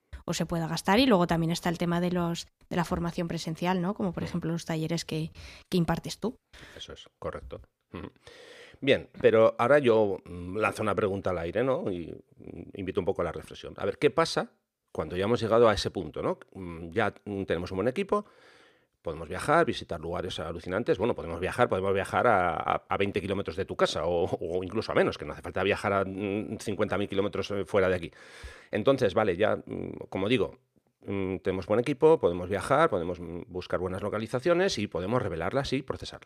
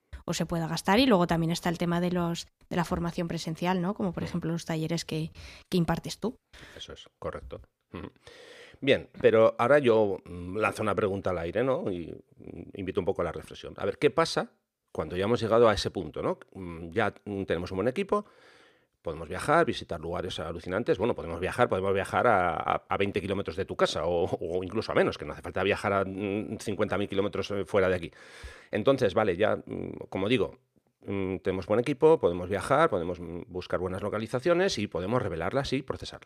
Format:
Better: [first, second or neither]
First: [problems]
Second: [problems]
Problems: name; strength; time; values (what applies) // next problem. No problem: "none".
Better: neither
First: none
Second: none